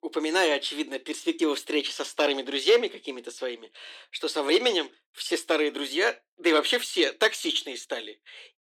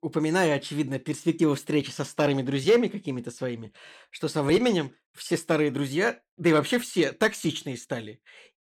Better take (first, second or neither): second